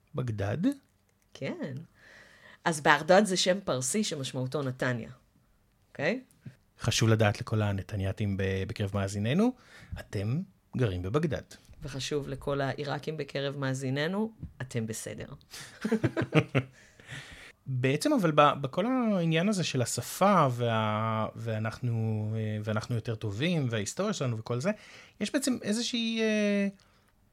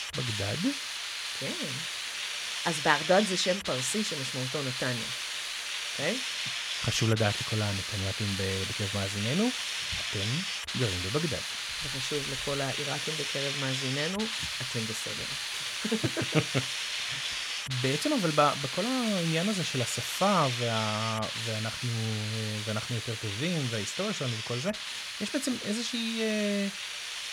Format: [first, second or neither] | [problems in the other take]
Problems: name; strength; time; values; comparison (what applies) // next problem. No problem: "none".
first | hiss; loud; throughout; 1 dB below the speech